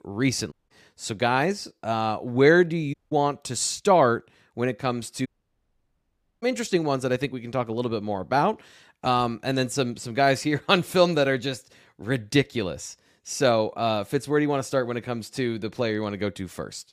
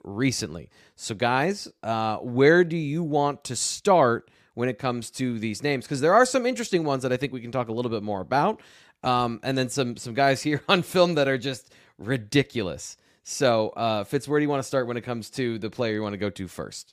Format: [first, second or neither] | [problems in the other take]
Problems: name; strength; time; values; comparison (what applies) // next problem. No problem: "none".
second | audio cutting out; at 0.5 s, at 3 s and at 5.5 s for 1 s